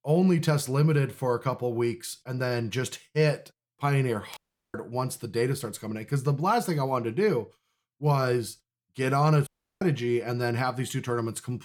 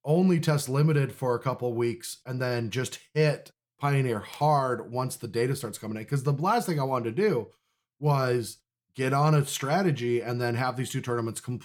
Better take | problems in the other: second | audio cutting out; at 4.5 s and at 9.5 s

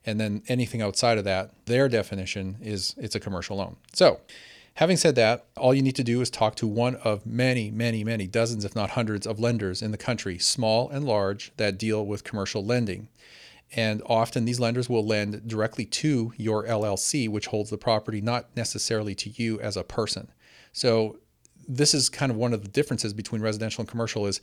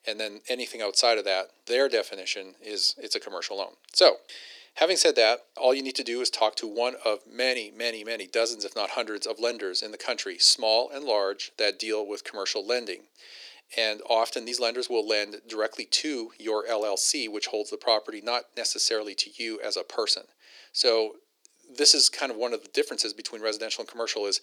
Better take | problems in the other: first | thin; very; fading below 350 Hz

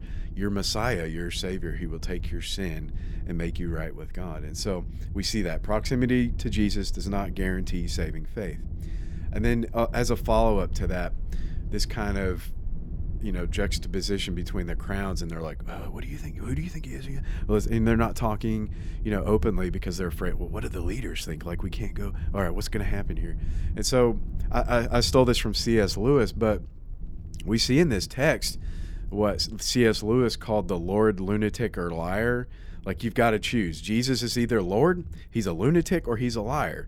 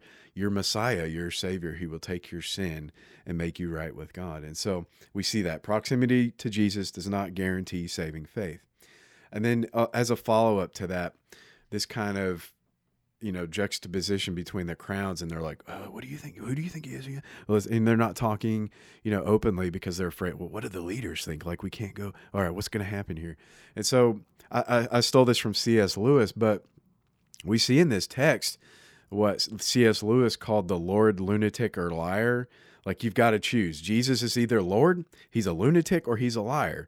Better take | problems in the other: second | low rumble; faint; throughout; 25 dB below the speech

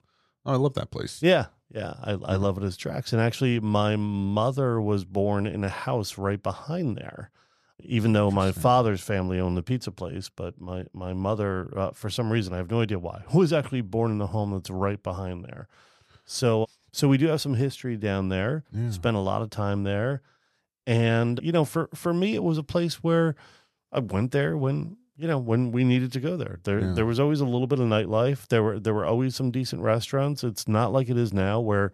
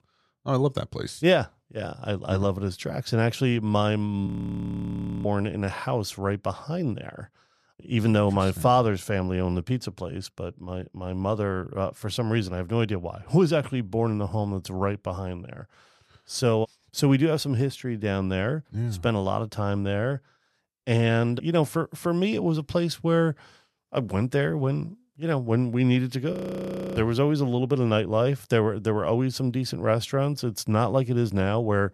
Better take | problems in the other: first | audio freezing; at 4.5 s for 1 s and at 26 s for 0.5 s

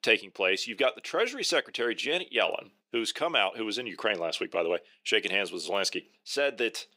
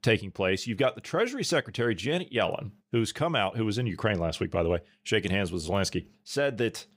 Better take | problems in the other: second | thin; somewhat; fading below 350 Hz

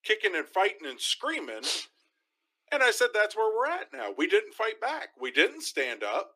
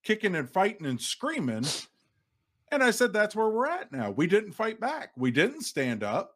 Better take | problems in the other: second | thin; very; fading below 300 Hz

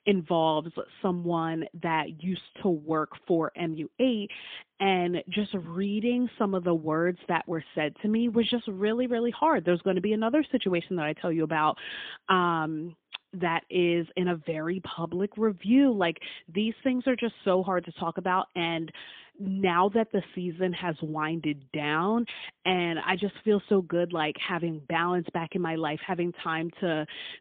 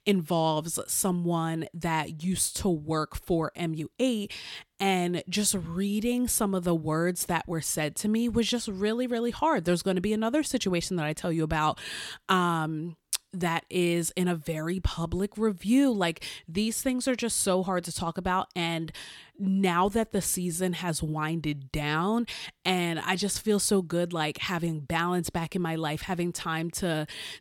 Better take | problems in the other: second | phone-call audio; poor line; nothing above 3 kHz

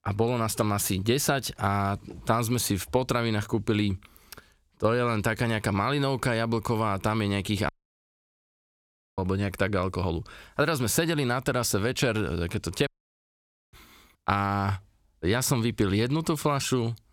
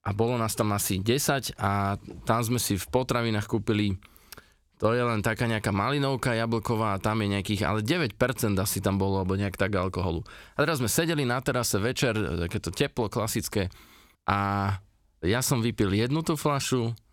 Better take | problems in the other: second | audio cutting out; at 7.5 s for 1.5 s and at 13 s for 1 s

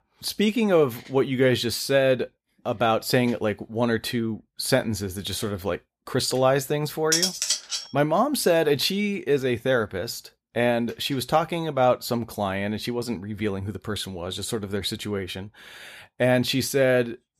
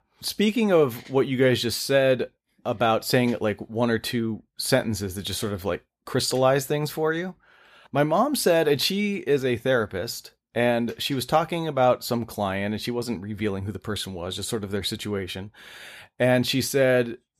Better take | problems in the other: second | clattering dishes; loud; at 7 s; peak 3 dB above the speech

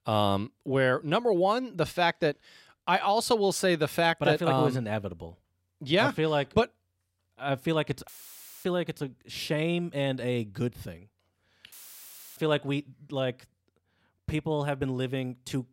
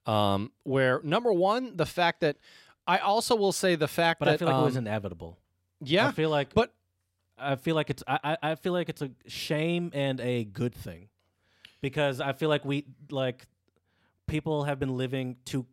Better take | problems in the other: second | audio cutting out; filled with static; at 8 s for 0.5 s and at 12 s for 0.5 s

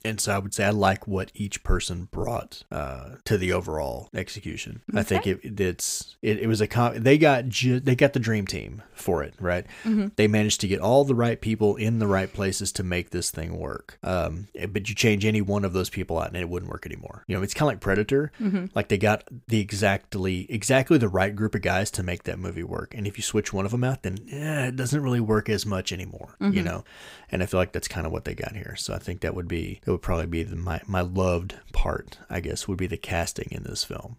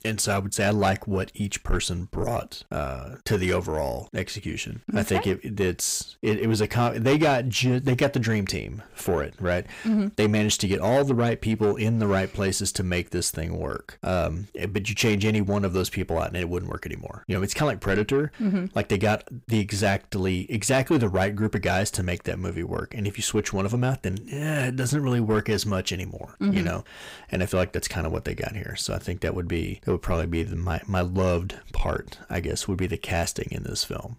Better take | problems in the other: first | distortion; slight; 10 dB below the speech

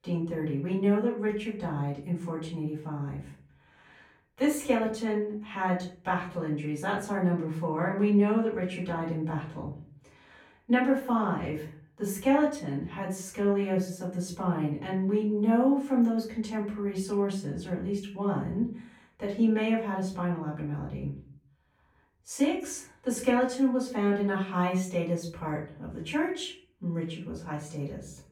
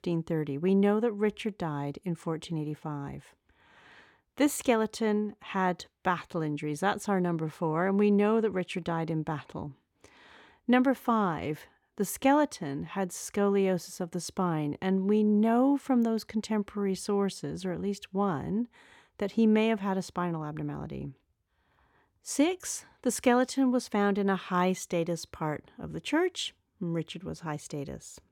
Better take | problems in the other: second | off-mic speech; far // room echo; slight; dies away in 0.4 s

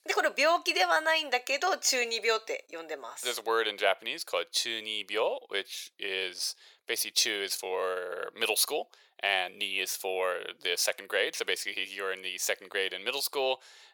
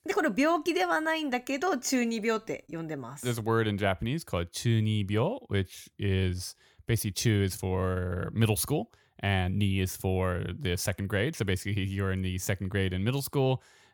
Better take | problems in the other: second | thin; very; fading below 500 Hz

